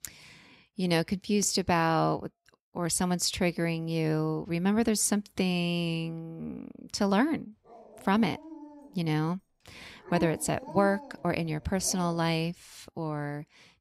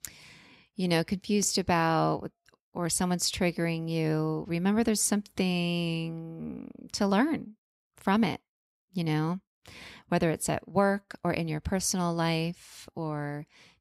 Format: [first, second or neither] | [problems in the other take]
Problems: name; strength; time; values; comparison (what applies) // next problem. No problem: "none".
second | dog barking; noticeable; from 7.5 to 12 s; peak 9 dB below the speech